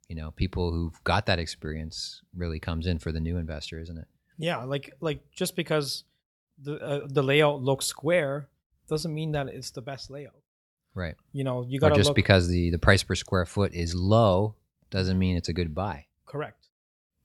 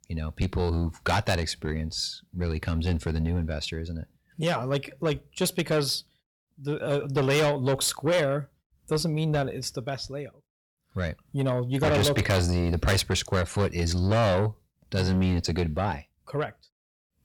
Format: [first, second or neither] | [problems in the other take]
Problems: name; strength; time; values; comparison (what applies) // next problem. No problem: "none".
first | distortion; heavy; 5 dB below the speech